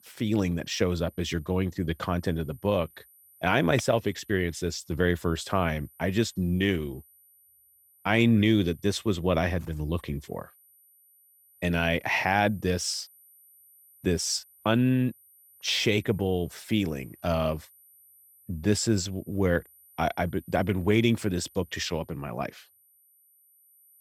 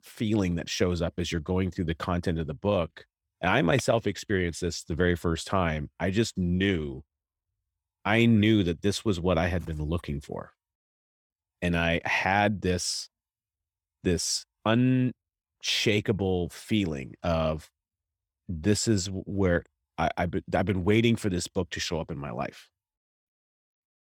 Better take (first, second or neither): second